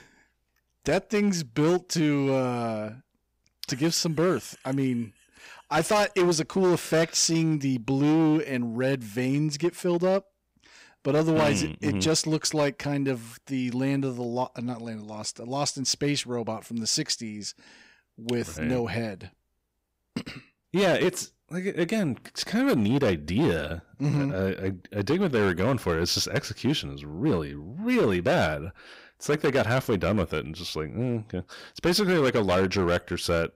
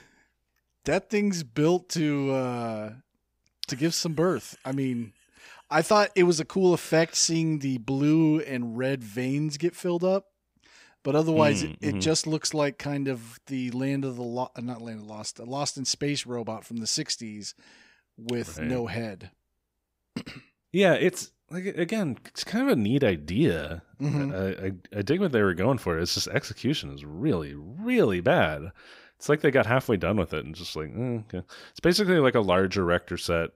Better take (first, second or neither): second